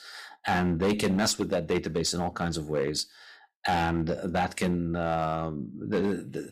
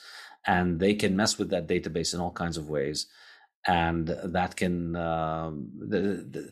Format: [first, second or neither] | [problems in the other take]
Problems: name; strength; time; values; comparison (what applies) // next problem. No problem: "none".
second | distortion; slight; 6% of the sound clipped